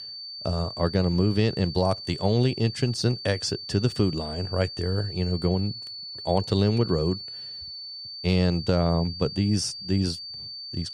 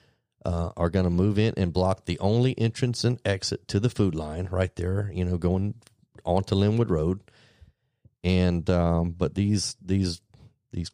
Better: second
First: high-pitched whine; loud; throughout; 4.5 kHz, 10 dB below the speech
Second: none

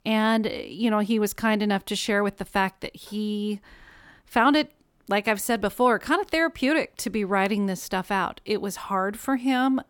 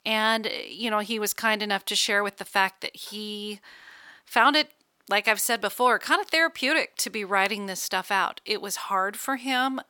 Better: first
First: none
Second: thin; somewhat; fading below 1 kHz

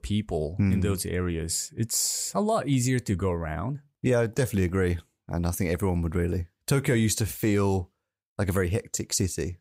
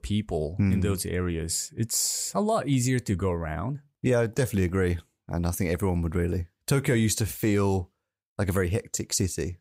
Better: neither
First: none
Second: none

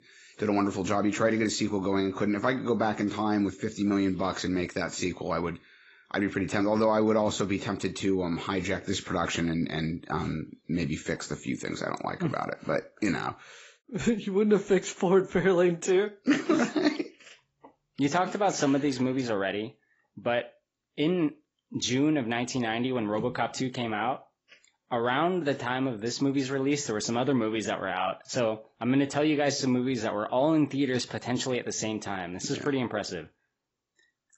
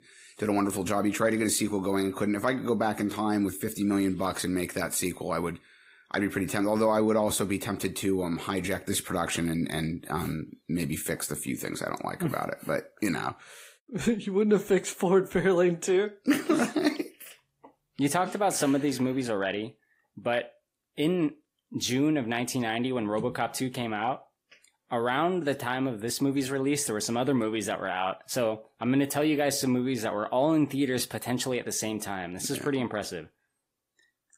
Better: second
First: garbled, watery; badly; nothing above 8 kHz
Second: garbled, watery; slightly; nothing above 15.5 kHz

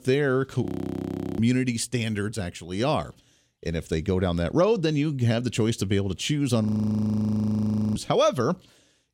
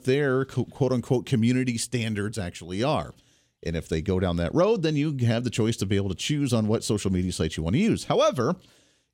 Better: second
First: audio freezing; at 0.5 s for 0.5 s and at 6.5 s for 1.5 s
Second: none

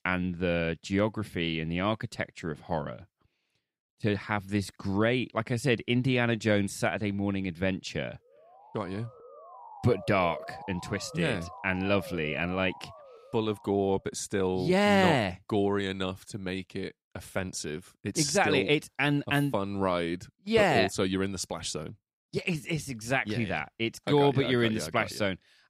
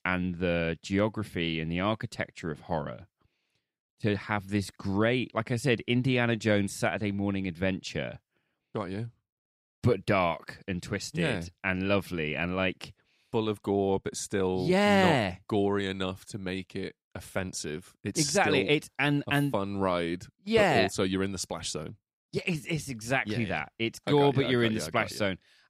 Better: second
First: siren; faint; from 8.5 to 14 s; peak 10 dB below the speech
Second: none

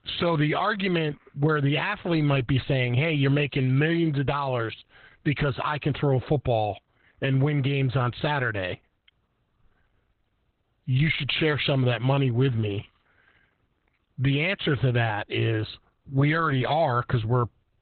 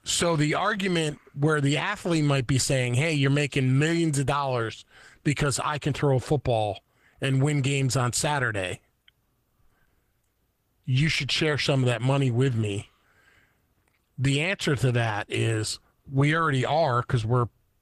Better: second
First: garbled, watery; badly; nothing above 4 kHz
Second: garbled, watery; slightly

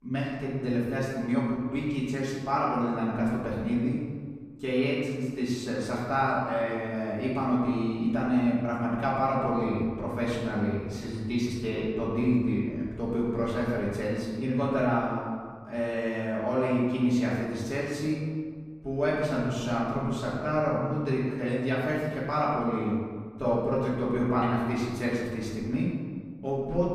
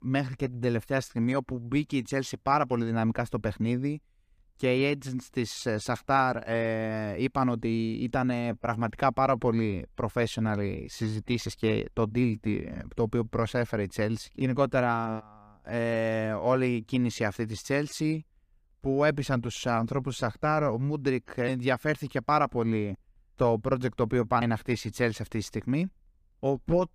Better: second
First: off-mic speech; far // room echo; noticeable; dies away in 1.5 s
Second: none

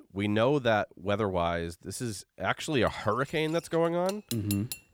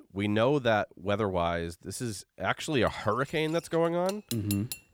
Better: neither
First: clattering dishes; noticeable; from 3 s on; peak 8 dB below the speech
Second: clattering dishes; noticeable; from 3 s on; peak 8 dB below the speech

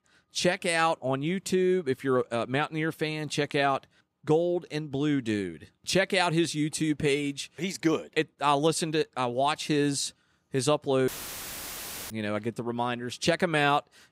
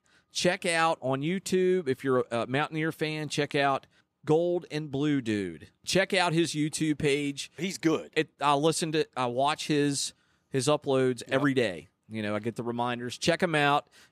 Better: second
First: audio cutting out; filled with static; at 11 s for 1 s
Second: none

